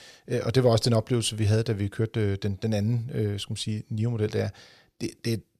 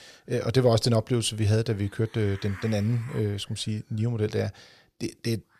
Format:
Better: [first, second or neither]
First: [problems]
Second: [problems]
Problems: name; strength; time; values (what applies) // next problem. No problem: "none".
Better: first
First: none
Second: hiss; faint; throughout; 20 dB below the speech